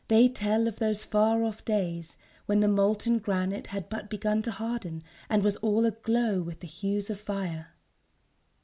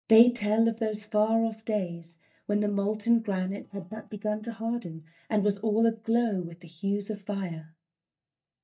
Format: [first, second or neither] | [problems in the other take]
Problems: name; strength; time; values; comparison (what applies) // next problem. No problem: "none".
first | noise reduction (neural mask model DeepFilterNet 3)